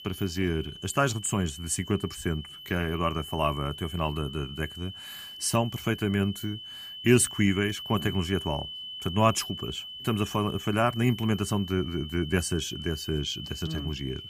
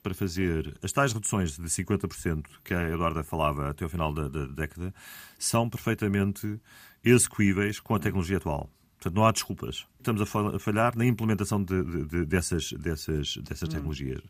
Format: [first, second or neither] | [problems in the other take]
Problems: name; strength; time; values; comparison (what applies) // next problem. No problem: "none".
second | high-pitched whine; noticeable; throughout; 3 kHz, 10 dB below the speech